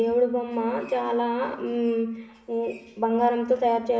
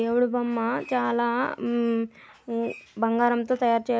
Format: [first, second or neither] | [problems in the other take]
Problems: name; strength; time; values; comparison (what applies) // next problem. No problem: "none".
second | room echo; dies away in 0.8 s